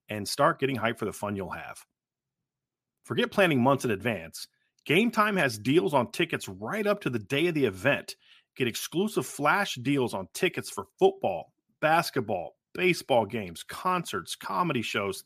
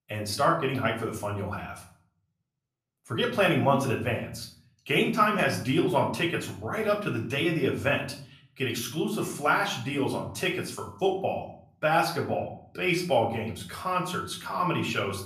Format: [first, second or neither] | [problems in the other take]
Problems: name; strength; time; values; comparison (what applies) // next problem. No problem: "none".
first | room echo; slight; dies away in 0.5 s // off-mic speech; far